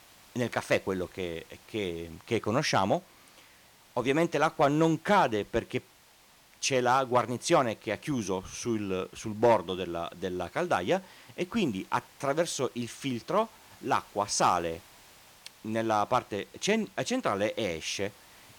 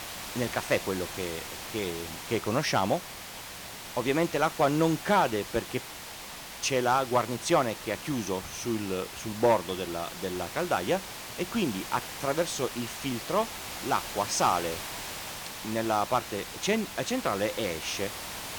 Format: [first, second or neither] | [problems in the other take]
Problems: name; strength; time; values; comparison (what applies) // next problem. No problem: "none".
first | hiss; loud; throughout; 8 dB below the speech; faint in the first